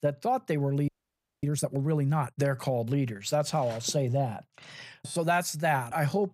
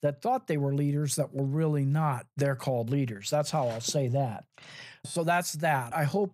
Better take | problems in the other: second | audio freezing; at 1 s for 0.5 s

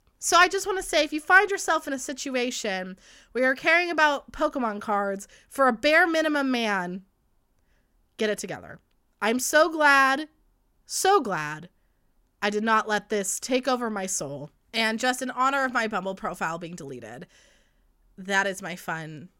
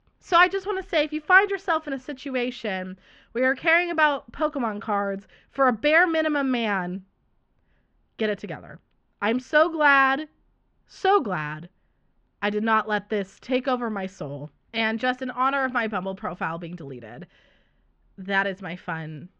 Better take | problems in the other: first | muffled; very; fading above 3.5 kHz

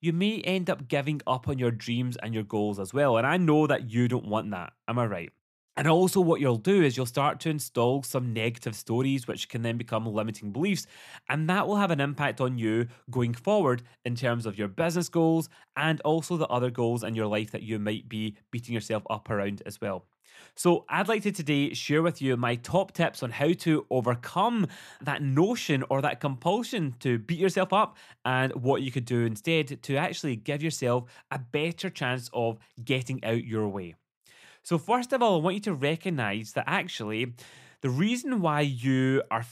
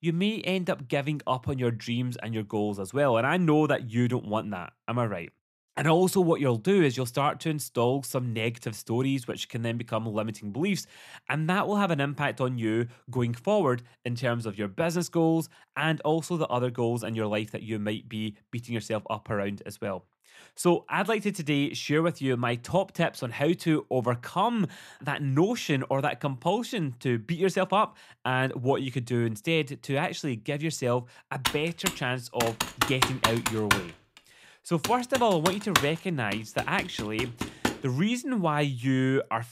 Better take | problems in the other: first | keyboard typing; loud; from 31 to 38 s; peak 3 dB above the speech

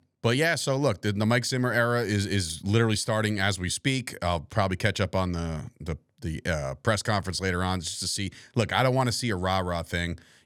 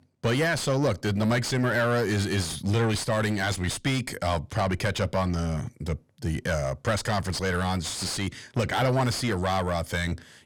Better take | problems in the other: first | distortion; heavy; 6 dB below the speech

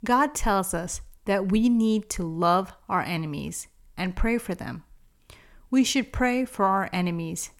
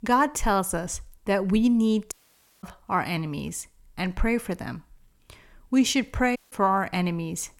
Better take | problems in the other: first | audio cutting out; at 2 s for 0.5 s and at 6.5 s

